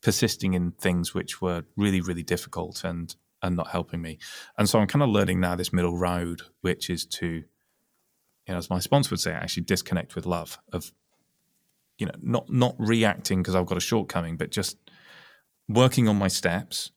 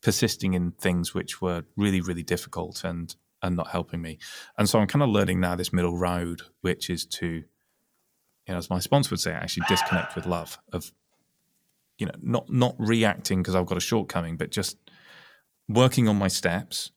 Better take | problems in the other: first | alarm; loud; at 9.5 s; peak 1 dB above the speech

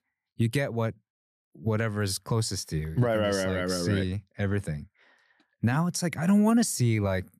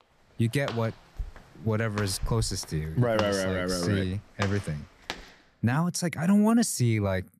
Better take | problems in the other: first | footsteps; noticeable; from 0.5 to 5 s; peak 9 dB below the speech

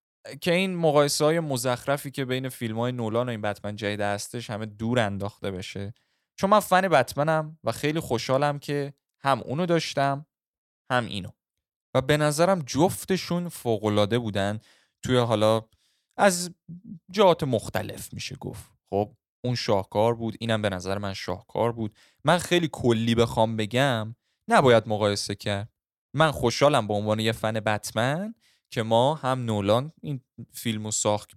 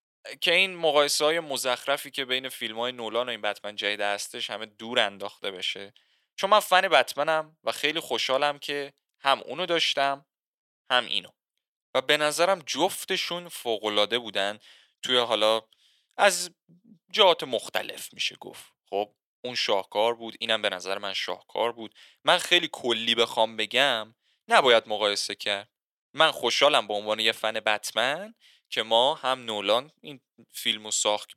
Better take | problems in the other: first | thin; somewhat; fading below 450 Hz

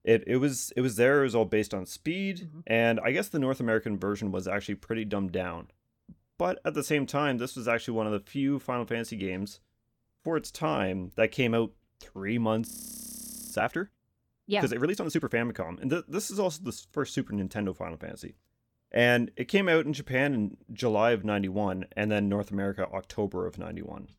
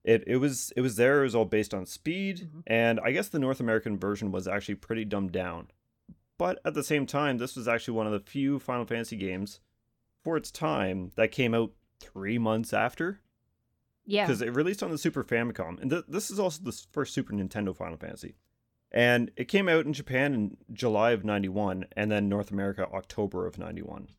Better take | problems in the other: second | audio freezing; at 13 s for 1 s

